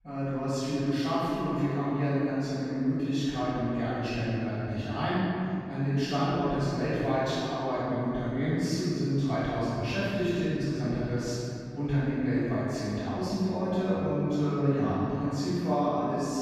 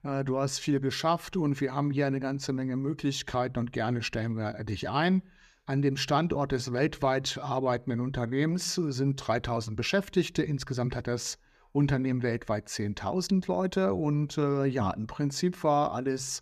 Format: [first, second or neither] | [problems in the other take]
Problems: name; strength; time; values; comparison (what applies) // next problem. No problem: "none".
second | room echo; strong; dies away in 2.6 s // off-mic speech; far